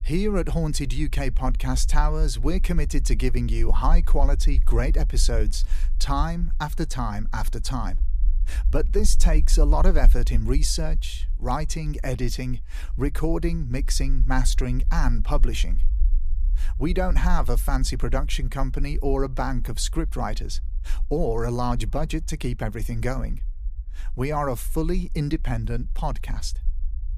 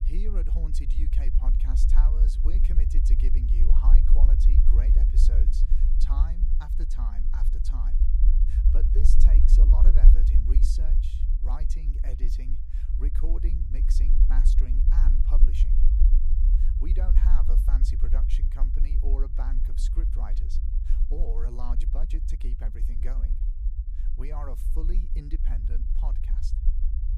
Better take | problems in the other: first | low rumble; loud; throughout; 1 dB below the speech; faint in the first

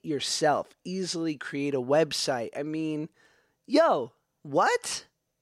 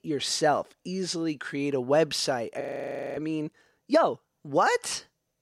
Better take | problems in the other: first | audio freezing; at 2.5 s for 0.5 s

